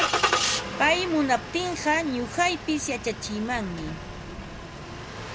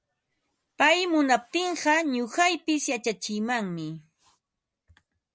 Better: second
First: background sound (Engine starting); 3 dB below the speech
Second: none

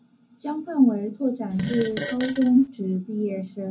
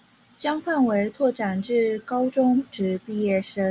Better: second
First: background sound (Fart); 9 dB below the speech // room echo; dies away in 0.3 s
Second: none

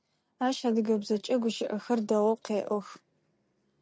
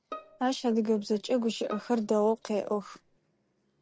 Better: first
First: none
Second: background sound (Bowed string instrument); 19 dB below the speech

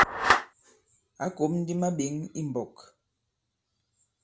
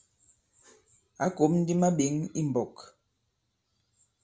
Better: second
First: background sound (Clapping); 1 dB above the speech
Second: none

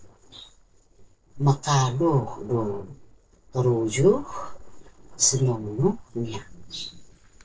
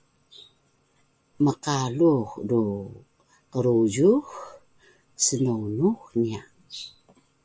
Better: second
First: noise reduction (neural separator model SepFormer DNS4)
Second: none

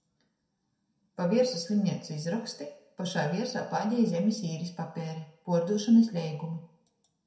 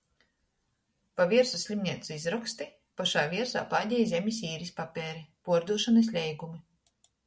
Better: second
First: room echo; dies away in 0.6 s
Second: none

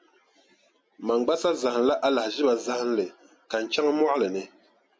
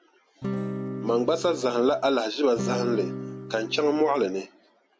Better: first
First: none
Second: background sound (Acoustic guitar / Strum); 7 dB below the speech

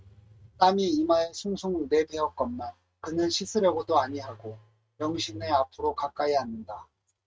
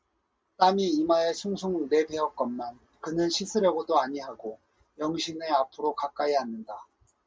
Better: second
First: noise reduction (neural mask model RNNoise)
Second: none

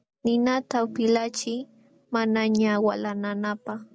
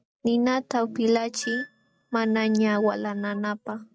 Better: first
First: none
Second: noise reduction (neural mask model RNNoise)

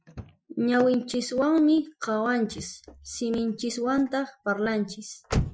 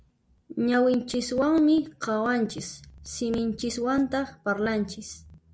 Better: second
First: noise reduction (classical method Wiener filter)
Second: none

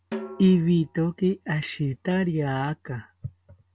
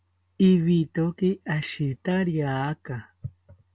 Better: second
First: background sound (Snare drum); 16 dB below the speech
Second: none

